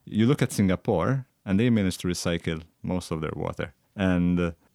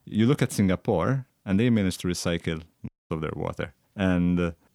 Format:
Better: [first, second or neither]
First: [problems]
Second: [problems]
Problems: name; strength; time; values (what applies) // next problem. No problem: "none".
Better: first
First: none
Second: audio cutting out; at 3 s